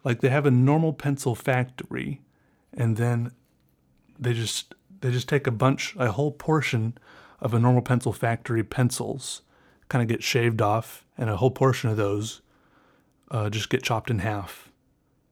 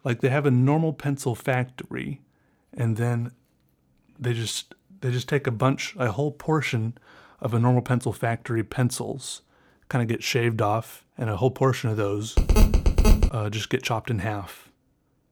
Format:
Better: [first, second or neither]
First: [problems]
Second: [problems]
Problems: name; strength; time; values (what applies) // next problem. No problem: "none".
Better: first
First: none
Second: phone ringing; loud; at 12 s; peak 5 dB above the speech